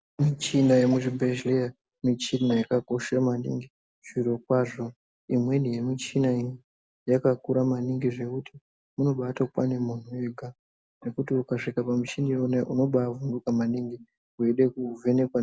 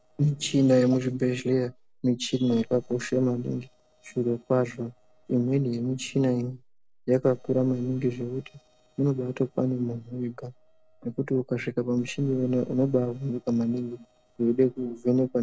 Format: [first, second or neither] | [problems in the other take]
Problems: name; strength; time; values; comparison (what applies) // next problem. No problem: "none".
first | noise reduction (neural separator model SepFormer DNS4)